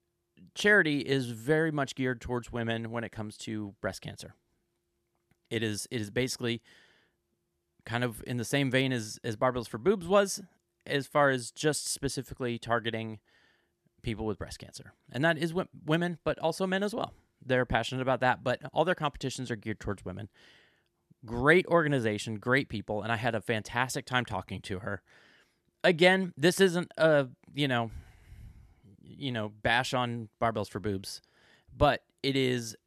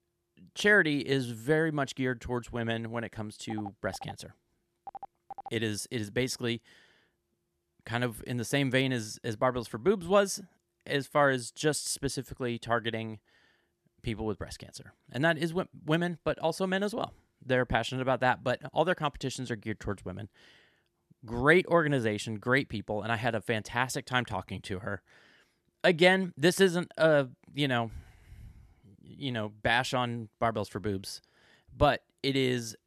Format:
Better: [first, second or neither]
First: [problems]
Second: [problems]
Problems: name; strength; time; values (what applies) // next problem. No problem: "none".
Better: first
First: none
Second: phone ringing; faint; from 3.5 to 5.5 s; peak 15 dB below the speech